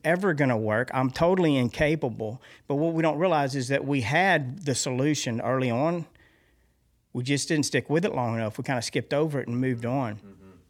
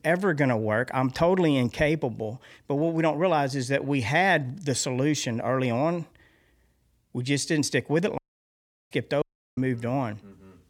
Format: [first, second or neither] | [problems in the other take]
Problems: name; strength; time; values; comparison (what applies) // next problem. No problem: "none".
first | audio cutting out; at 8 s for 0.5 s and at 9 s